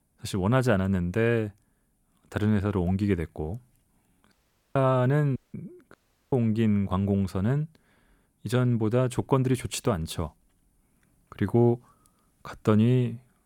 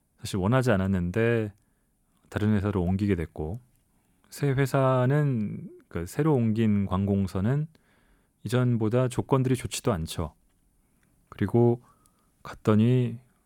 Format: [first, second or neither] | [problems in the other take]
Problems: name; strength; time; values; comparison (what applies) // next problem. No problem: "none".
second | audio cutting out; at 4.5 s, at 5.5 s and at 6 s